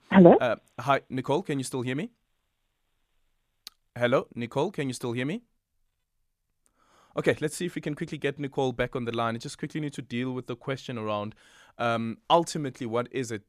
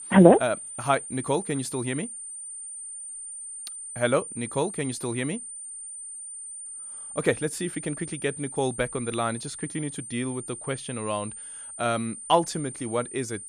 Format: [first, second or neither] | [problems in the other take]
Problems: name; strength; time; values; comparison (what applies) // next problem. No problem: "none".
first | high-pitched whine; loud; throughout; 9 kHz, 9 dB below the speech